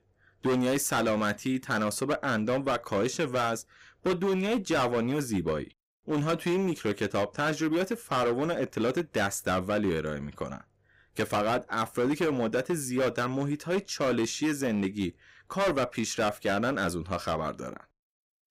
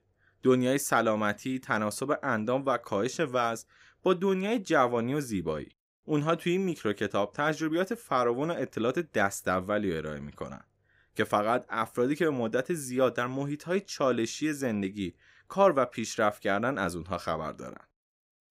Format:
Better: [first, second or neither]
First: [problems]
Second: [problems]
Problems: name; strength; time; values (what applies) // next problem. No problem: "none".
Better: second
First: distortion; heavy; 12% of the sound clipped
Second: none